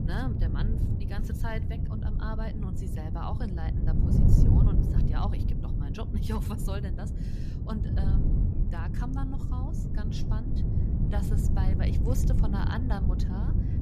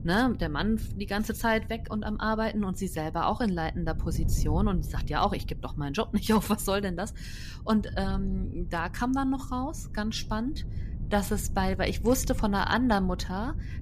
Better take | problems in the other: second | wind noise on the microphone; heavy; as loud as the speech; occasional gusts in the second

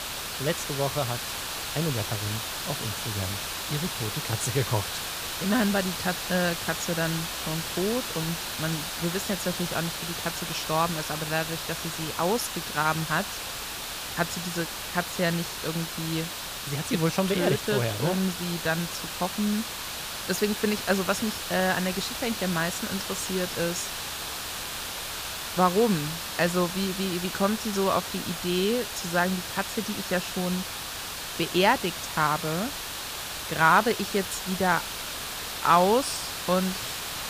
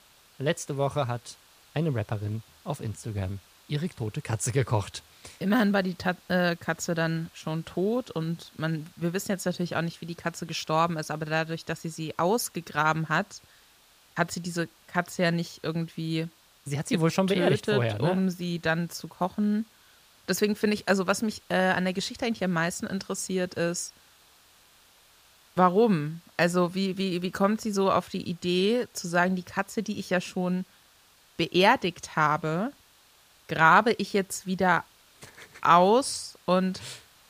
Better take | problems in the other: second | hiss; loud; throughout; 4 dB below the speech; faint in the second

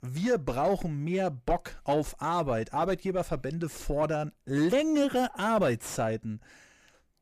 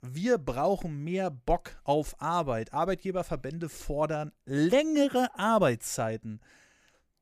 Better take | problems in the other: second | distortion; slight; 10 dB below the speech

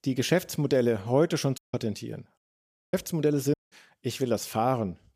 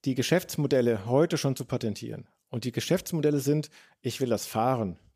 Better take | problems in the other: second | audio cutting out; at 1.5 s, at 2.5 s for 0.5 s and at 3.5 s

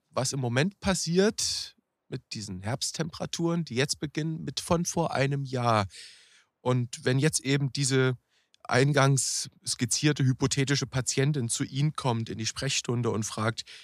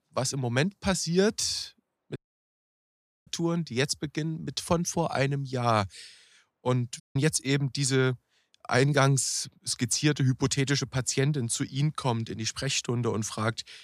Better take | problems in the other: first | audio cutting out; at 2 s for 1 s and at 7 s

